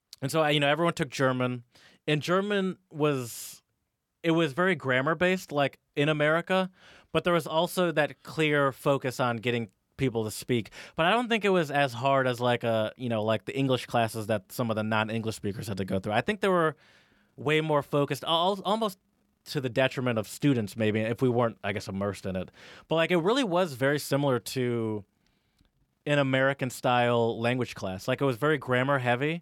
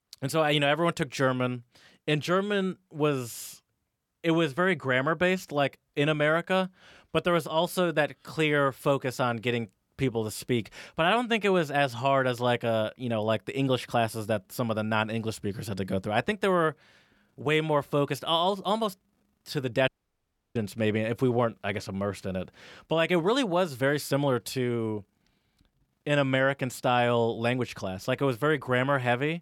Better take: first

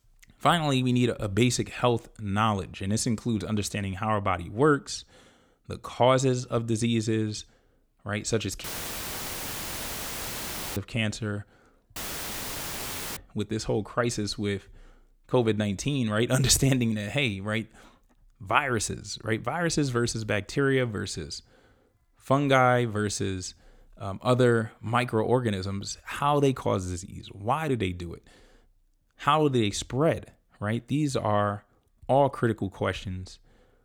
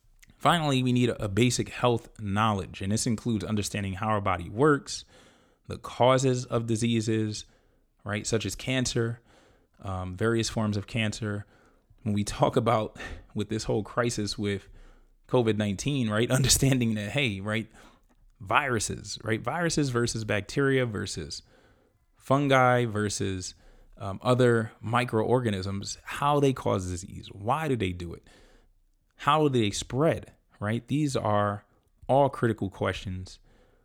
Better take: second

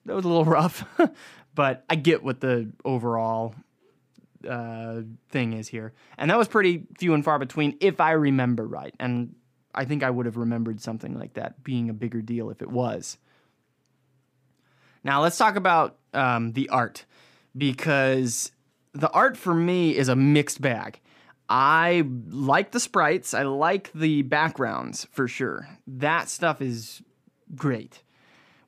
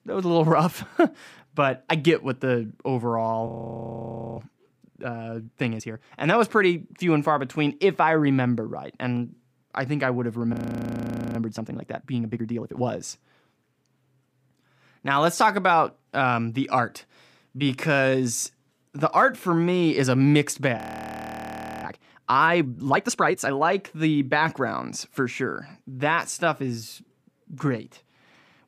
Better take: first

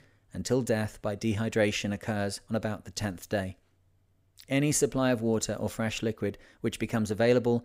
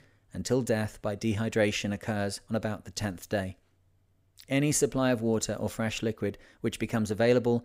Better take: neither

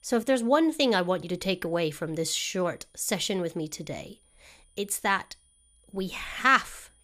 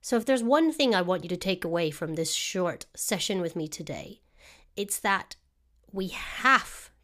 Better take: second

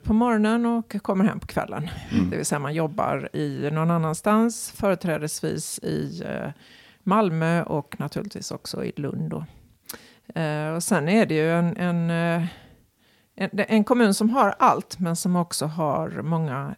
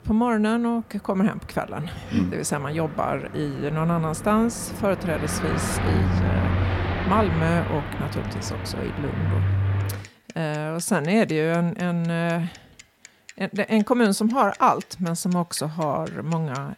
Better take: first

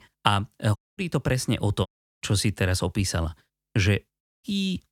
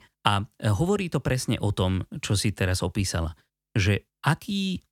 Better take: second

